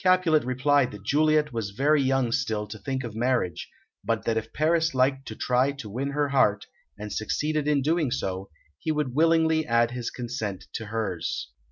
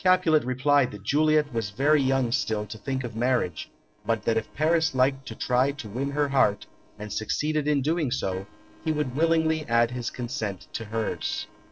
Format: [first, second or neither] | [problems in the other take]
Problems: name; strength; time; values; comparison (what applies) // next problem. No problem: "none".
first | noise reduction (neural separator model SepFormer DNS4)